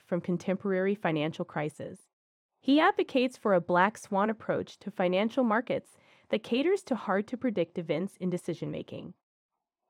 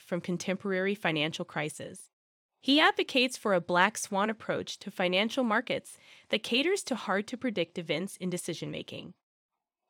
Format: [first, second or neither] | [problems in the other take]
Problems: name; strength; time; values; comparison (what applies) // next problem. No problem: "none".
second | muffled; slightly; fading above 2 kHz